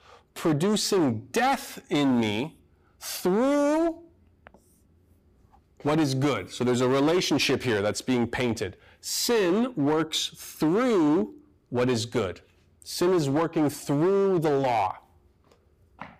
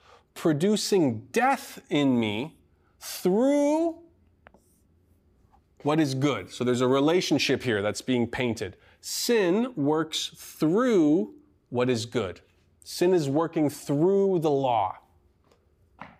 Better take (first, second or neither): second